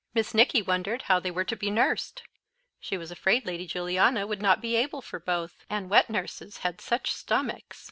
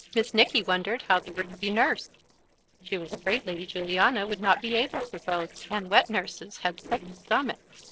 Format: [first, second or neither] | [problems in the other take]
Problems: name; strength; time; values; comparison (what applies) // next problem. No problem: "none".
first | noise reduction (neural separator model SepFormer DNS4)